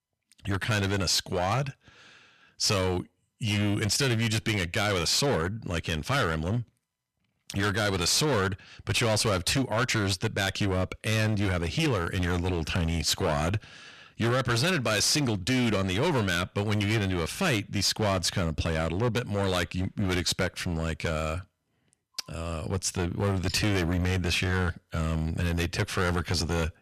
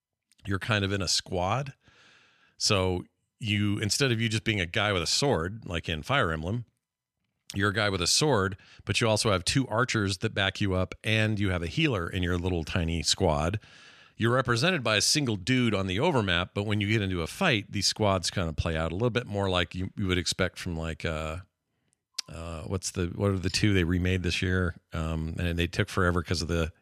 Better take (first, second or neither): second